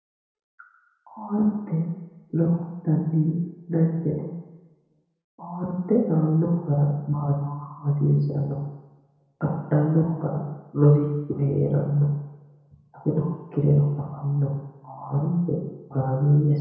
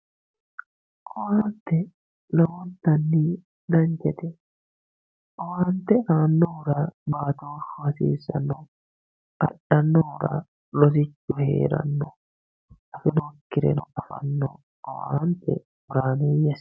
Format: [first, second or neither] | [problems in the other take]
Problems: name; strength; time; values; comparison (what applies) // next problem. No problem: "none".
second | room echo; dies away in 1 s